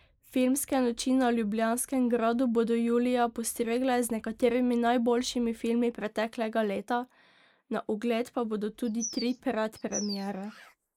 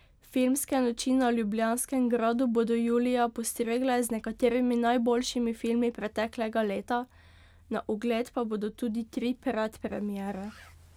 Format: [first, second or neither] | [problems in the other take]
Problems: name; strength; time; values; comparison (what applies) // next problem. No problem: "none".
second | noise reduction (neural mask model Resemble Enhance denoiser)